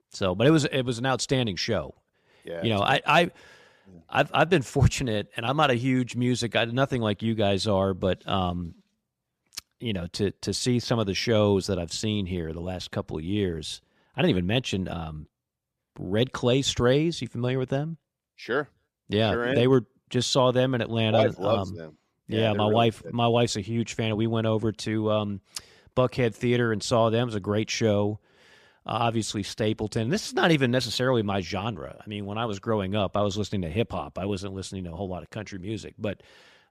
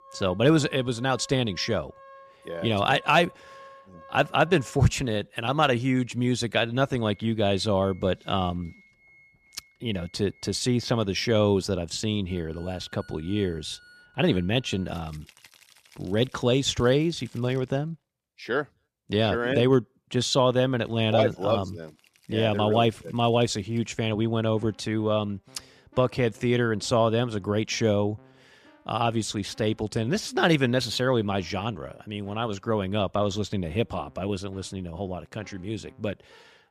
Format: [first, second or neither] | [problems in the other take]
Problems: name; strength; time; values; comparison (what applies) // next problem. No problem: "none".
first | background music; faint; throughout; 30 dB below the speech